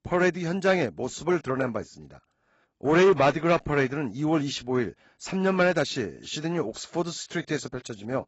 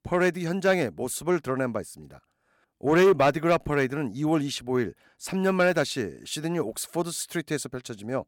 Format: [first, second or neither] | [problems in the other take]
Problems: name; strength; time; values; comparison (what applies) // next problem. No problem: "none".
second | garbled, watery; badly; nothing above 7.5 kHz